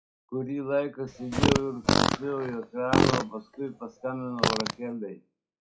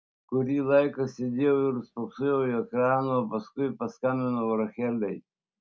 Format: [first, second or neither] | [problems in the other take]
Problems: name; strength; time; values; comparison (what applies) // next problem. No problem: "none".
second | noise reduction (classical method log-MMSE)